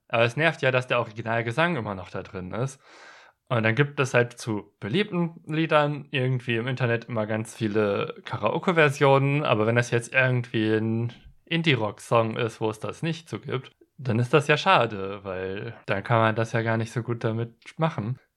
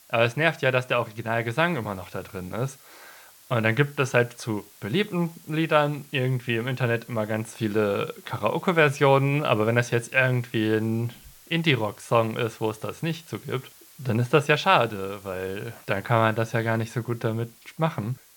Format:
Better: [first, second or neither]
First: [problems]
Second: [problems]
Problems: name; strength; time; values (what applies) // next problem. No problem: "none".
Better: first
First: none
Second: hiss; faint; throughout; 25 dB below the speech